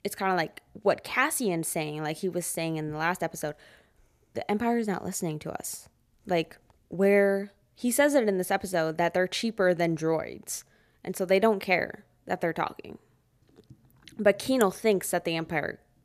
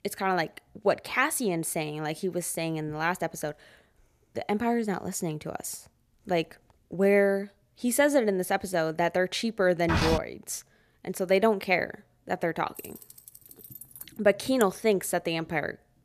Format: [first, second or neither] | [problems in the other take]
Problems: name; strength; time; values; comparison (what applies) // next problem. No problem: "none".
first | footsteps; loud; at 10 s; peak level with the speech // jangling keys; faint; from 13 to 14 s; peak 15 dB below the speech